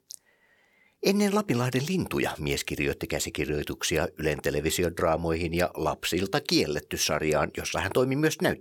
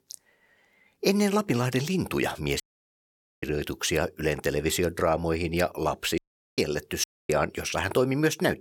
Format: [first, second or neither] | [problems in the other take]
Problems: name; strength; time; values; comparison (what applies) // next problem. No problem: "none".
first | audio cutting out; at 2.5 s for 1 s, at 6 s and at 7 s